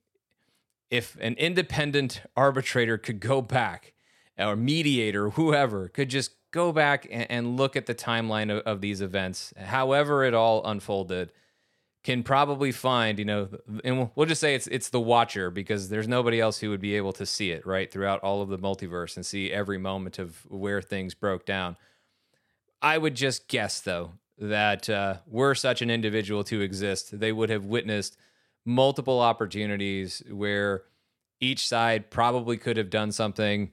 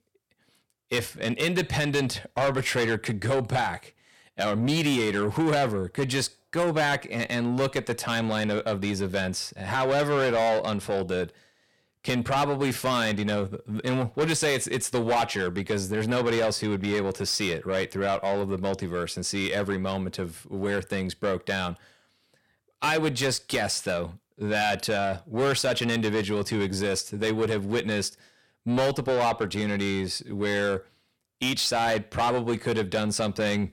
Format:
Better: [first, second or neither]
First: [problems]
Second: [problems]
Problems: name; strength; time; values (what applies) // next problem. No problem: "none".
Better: first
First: none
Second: distortion; heavy; 7 dB below the speech